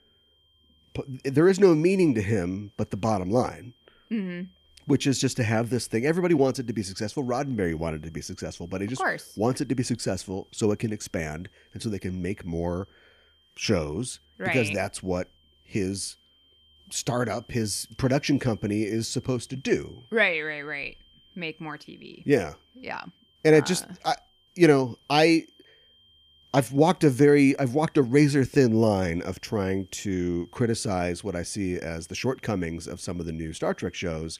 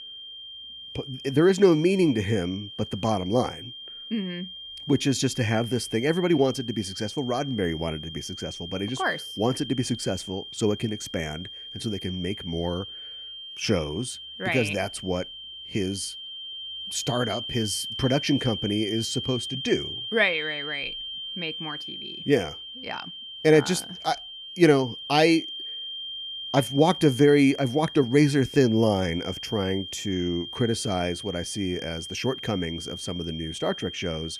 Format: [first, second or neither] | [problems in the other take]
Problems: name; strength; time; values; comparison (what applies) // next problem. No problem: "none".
first | high-pitched whine; loud; throughout; 3 kHz, 9 dB below the speech; faint in the first